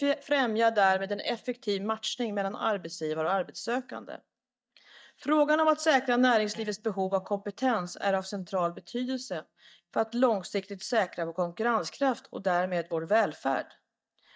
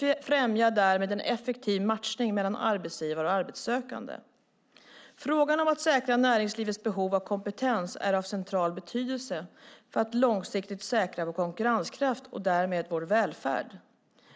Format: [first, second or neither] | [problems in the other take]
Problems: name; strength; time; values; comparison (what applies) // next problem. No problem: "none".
second | noise reduction (neural mask model DeepFilterNet 3)